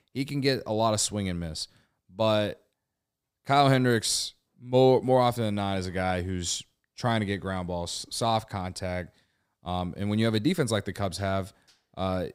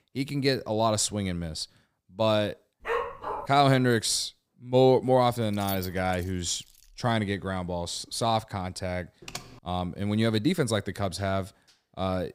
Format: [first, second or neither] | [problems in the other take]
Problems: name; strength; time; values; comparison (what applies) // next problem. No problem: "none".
first | dog barking; noticeable; at 3 s; peak 4 dB below the speech // jangling keys; faint; from 5.5 to 7 s; peak 10 dB below the speech // keyboard typing; faint; at 9 s; peak 15 dB below the speech